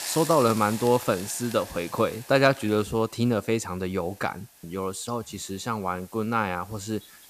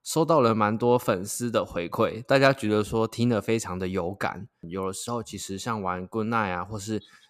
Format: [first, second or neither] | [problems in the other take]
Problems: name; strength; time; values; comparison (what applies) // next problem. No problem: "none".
second | hiss; noticeable; throughout; 15 dB below the speech